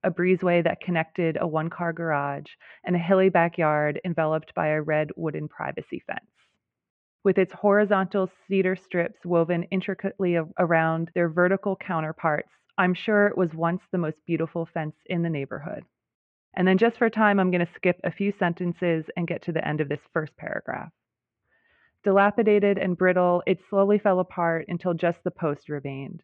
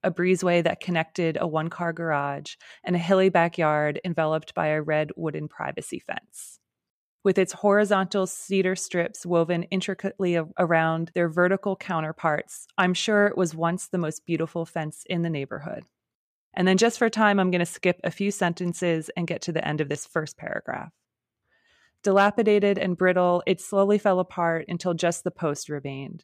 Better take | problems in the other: second | muffled; very; fading above 2.5 kHz

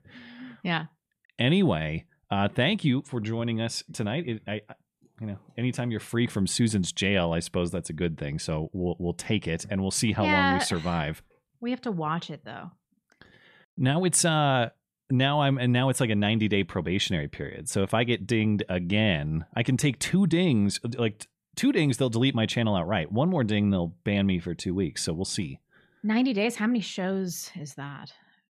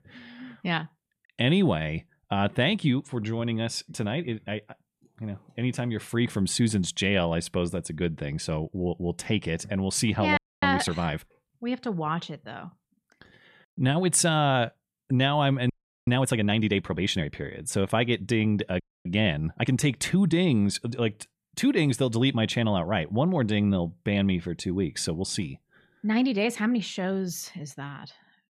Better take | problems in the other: first | audio freezing; at 10 s, at 16 s and at 19 s

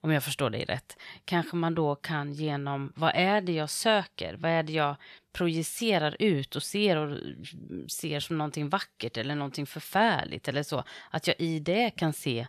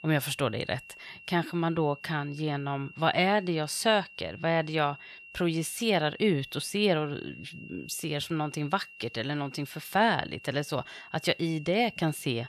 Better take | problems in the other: first | high-pitched whine; noticeable; throughout; 2.5 kHz, 20 dB below the speech

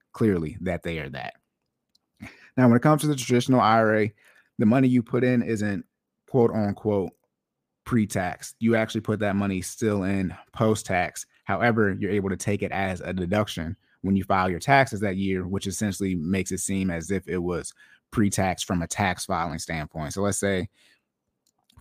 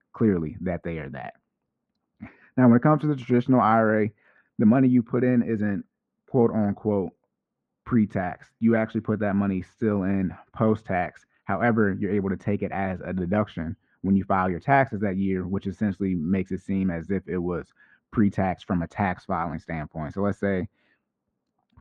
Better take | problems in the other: first | muffled; very; fading above 1.5 kHz

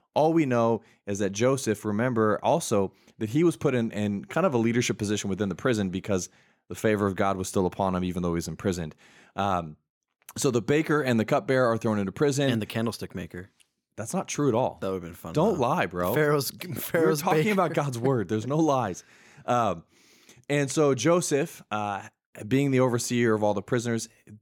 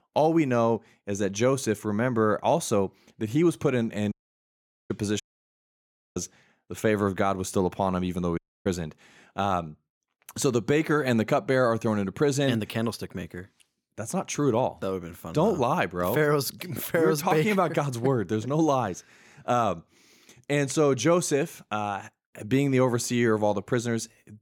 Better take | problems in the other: first | audio cutting out; at 4 s for 1 s, at 5 s for 1 s and at 8.5 s

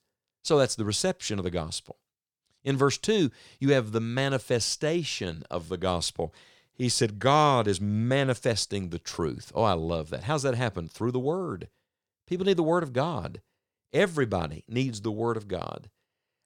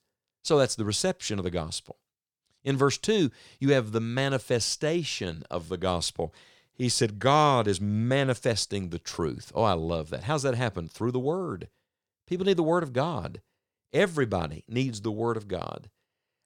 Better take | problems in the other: neither | none

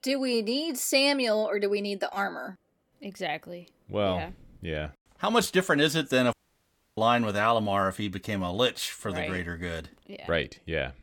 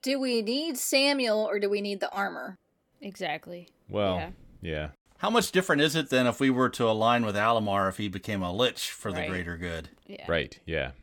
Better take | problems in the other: second | audio cutting out; at 6.5 s for 0.5 s

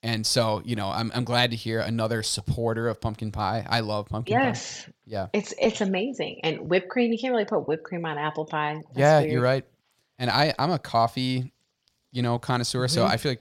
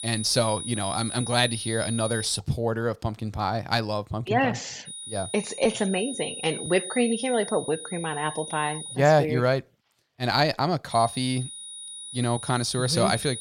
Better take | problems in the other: first | high-pitched whine; loud; until 2.5 s, from 5 to 9 s and from 11 s on; 9.5 kHz, 8 dB below the speech

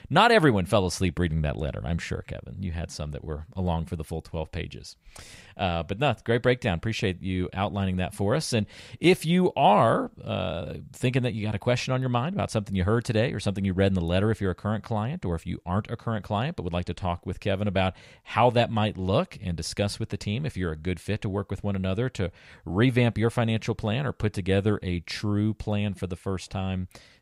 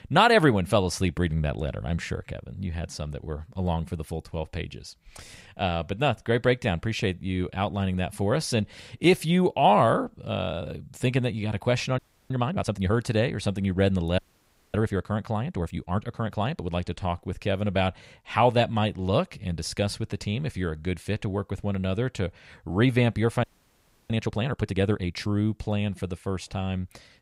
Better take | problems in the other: first | audio freezing; at 12 s, at 14 s for 0.5 s and at 23 s for 0.5 s

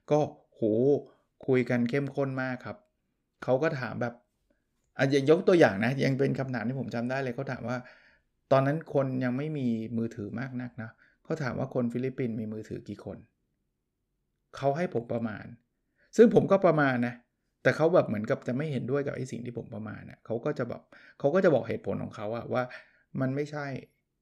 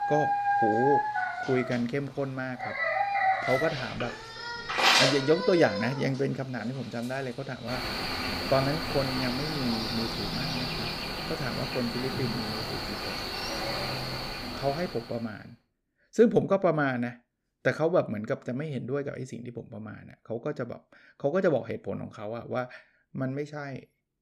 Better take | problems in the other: first | animal sounds; very loud; until 15 s; 1 dB above the speech

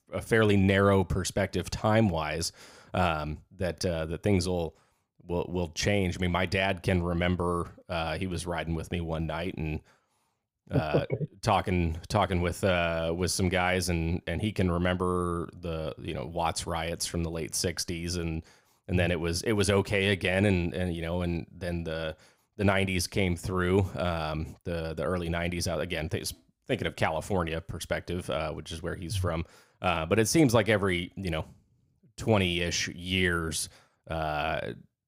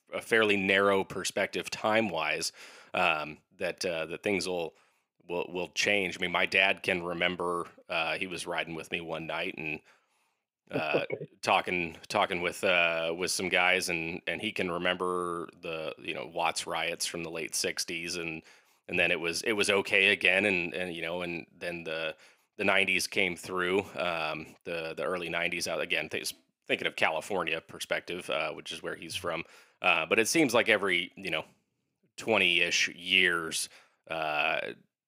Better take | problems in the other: first | thin; somewhat; fading below 300 Hz

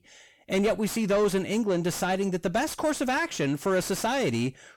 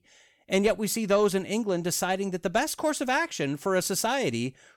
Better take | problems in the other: second | distortion; slight; 10 dB below the speech

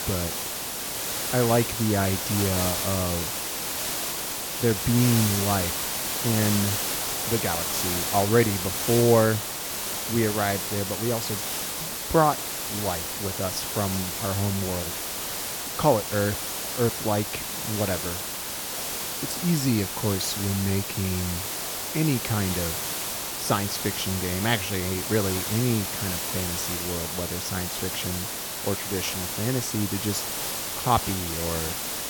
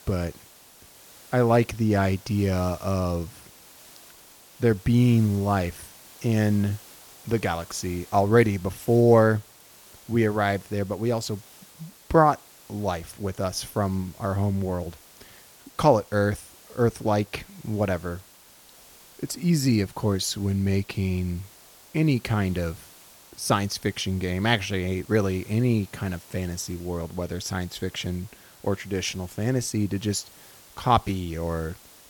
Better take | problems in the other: second | hiss; loud; throughout; 1 dB below the speech; faint in the second

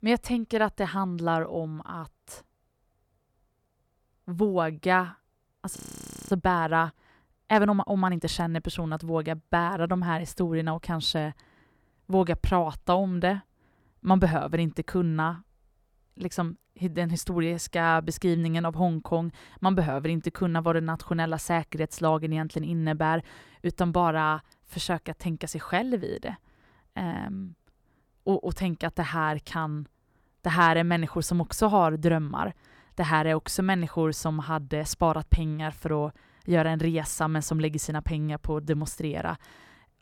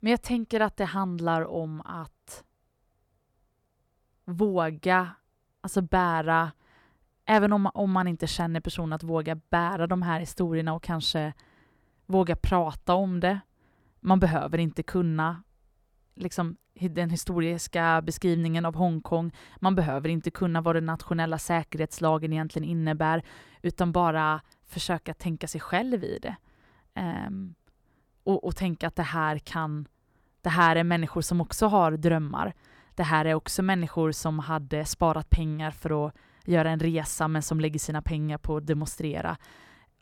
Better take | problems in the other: second | audio freezing; at 6 s for 0.5 s

